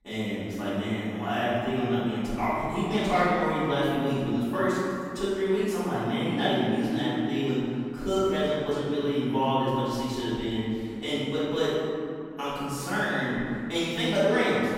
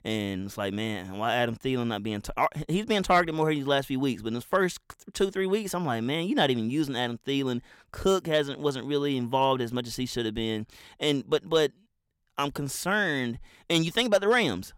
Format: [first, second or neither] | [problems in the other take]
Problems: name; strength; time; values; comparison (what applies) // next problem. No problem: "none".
second | off-mic speech; far // room echo; strong; dies away in 2.4 s